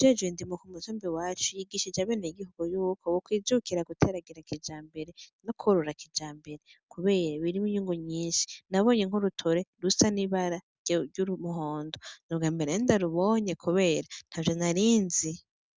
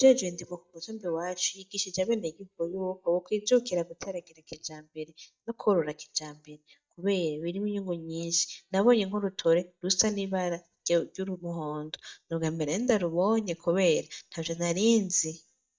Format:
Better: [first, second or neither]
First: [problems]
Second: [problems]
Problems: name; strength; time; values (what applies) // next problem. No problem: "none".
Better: first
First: none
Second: noise reduction (neural mask model DeepFilterNet 3)